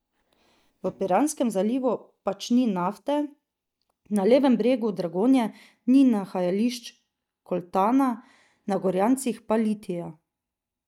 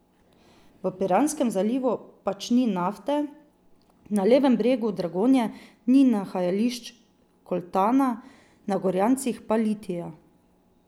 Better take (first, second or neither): second